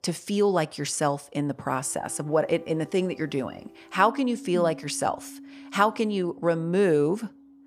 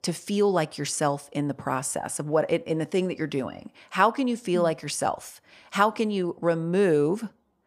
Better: second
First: background music; faint; from 2.5 s on; 20 dB below the speech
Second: none

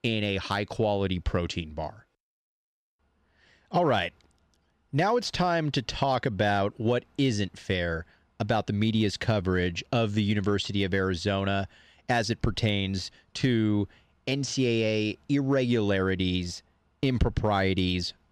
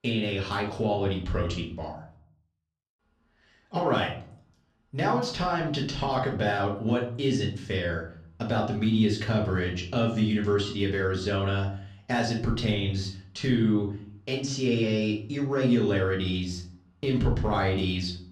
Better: first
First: none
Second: off-mic speech; far // room echo; slight; dies away in 0.5 s

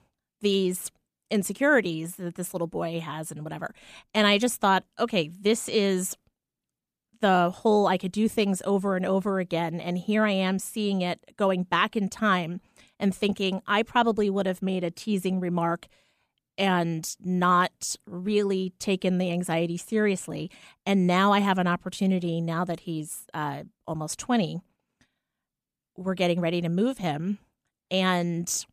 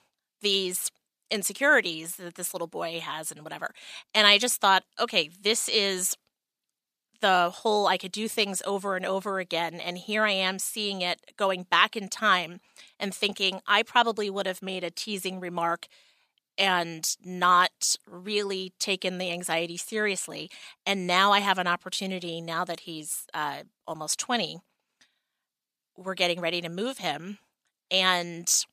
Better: first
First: none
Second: thin; somewhat; fading below 1 kHz

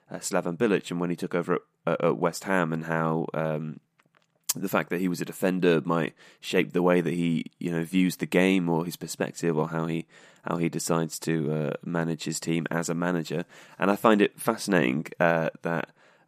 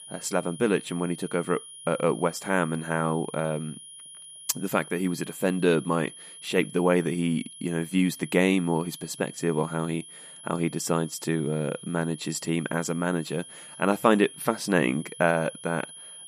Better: first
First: none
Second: high-pitched whine; noticeable; throughout; 10.5 kHz, 15 dB below the speech

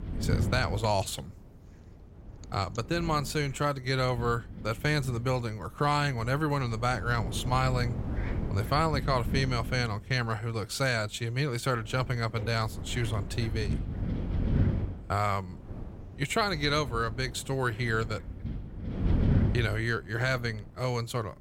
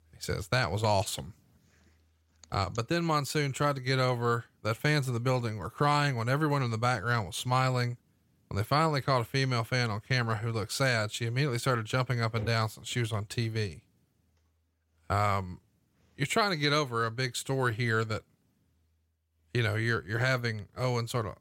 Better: second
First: wind noise on the microphone; occasional gusts; 15 dB below the speech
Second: none

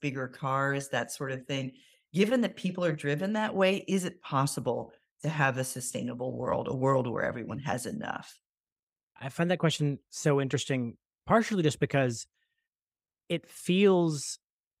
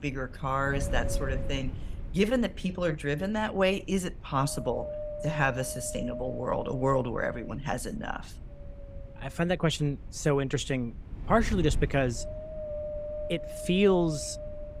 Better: first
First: none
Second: wind noise on the microphone; heavy; 9 dB below the speech

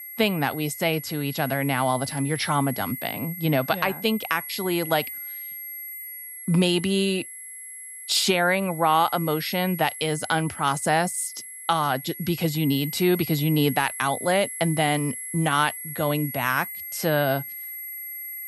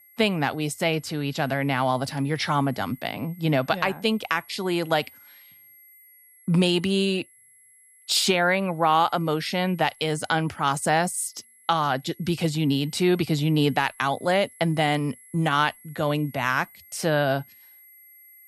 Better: second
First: high-pitched whine; loud; throughout; 11 kHz, 9 dB below the speech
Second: high-pitched whine; faint; throughout; 11 kHz, 25 dB below the speech

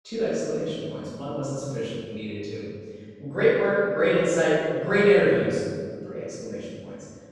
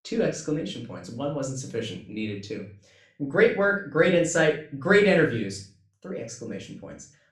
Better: second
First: room echo; strong; dies away in 1.9 s // off-mic speech; far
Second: room echo; slight; dies away in 0.4 s // off-mic speech; far

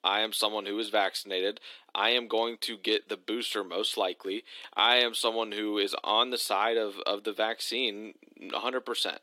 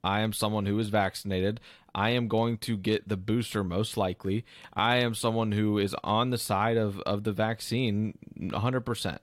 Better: second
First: thin; very; fading below 300 Hz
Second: none

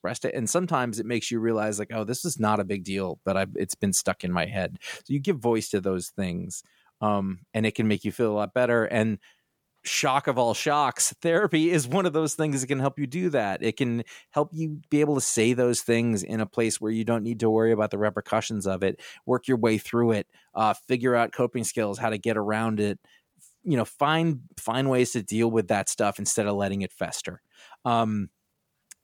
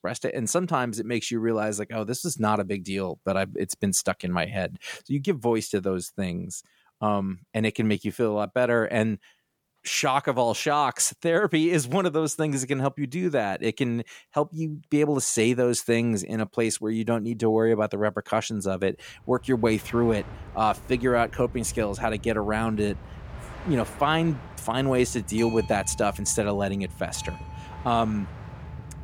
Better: first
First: none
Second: train or aircraft noise; noticeable; from 19 s on; 15 dB below the speech

